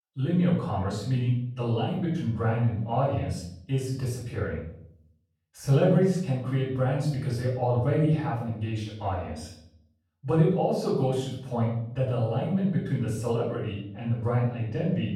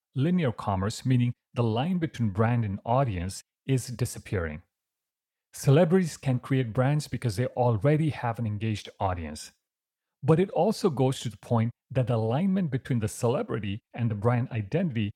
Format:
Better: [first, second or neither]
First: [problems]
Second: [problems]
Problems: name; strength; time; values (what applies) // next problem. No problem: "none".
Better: second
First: off-mic speech; far // room echo; noticeable; dies away in 0.7 s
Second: none